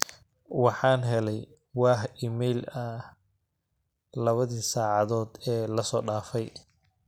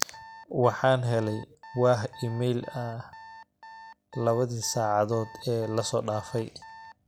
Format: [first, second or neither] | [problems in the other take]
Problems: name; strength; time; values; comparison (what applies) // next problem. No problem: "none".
first | background sound (Alarm); 19 dB below the speech